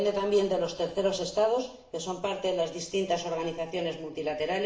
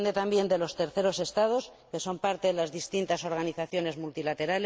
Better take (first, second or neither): second